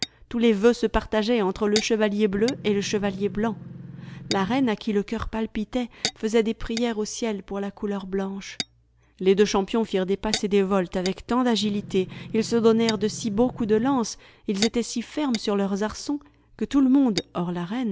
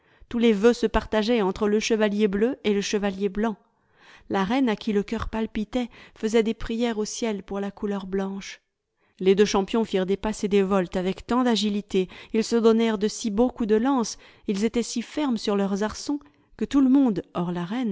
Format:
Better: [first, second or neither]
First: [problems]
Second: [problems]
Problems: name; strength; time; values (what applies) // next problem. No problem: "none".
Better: second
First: background sound (Tap / Glass + Engine); 14 dB below the speech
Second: none